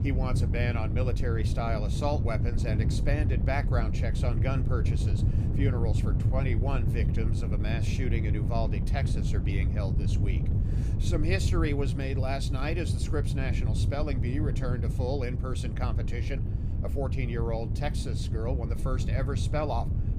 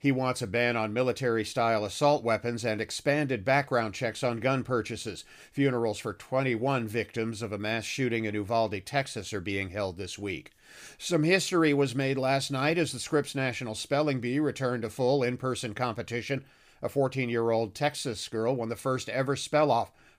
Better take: second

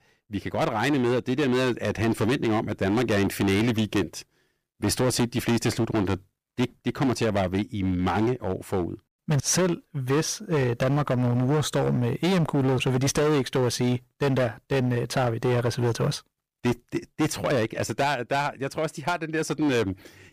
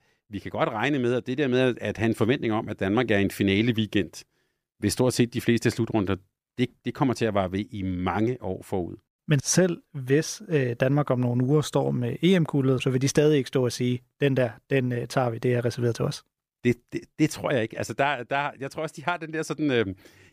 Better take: second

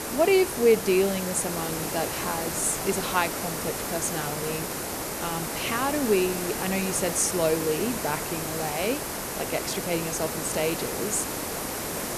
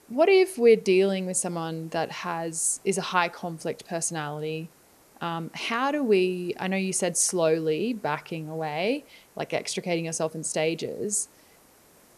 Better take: second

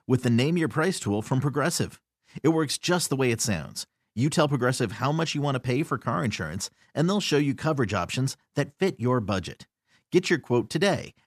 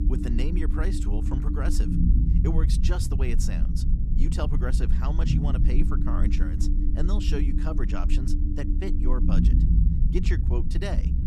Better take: first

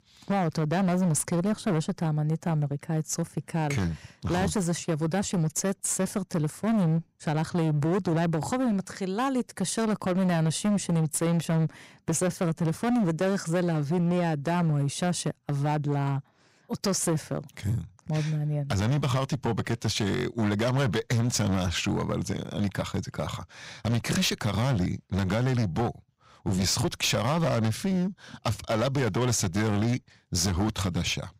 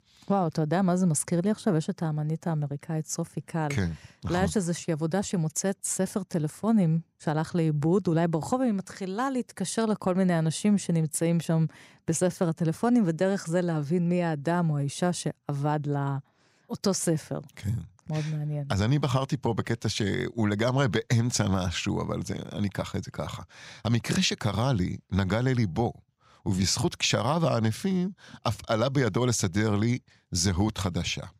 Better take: second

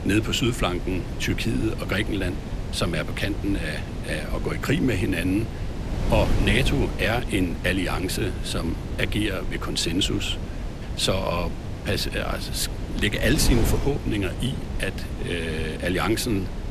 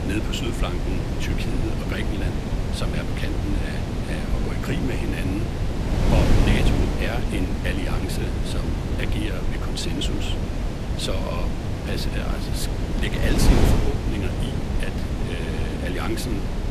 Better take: first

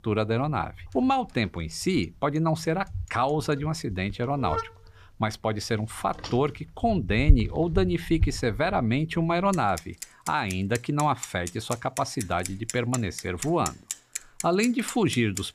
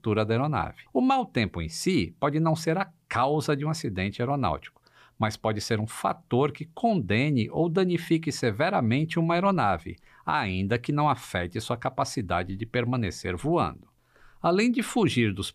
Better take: second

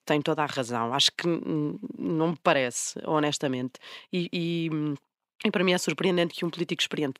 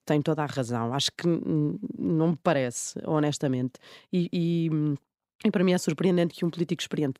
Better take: second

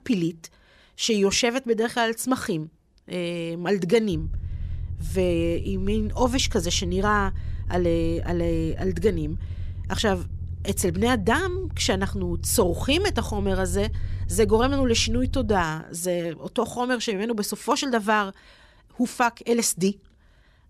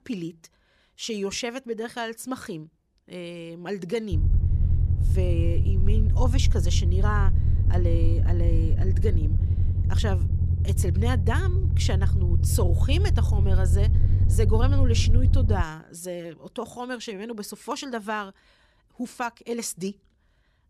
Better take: first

